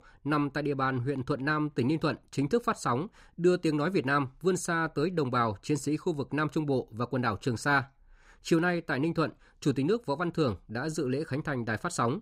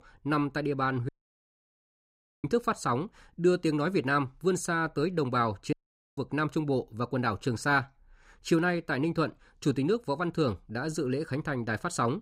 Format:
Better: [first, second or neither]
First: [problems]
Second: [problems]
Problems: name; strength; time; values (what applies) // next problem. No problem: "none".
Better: first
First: none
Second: audio cutting out; at 1 s for 1.5 s and at 5.5 s